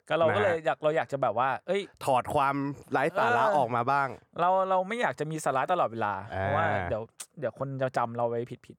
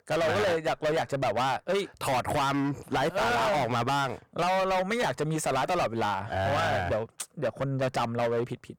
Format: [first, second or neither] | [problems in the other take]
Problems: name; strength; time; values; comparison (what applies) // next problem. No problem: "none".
first | distortion; heavy; 26% of the sound clipped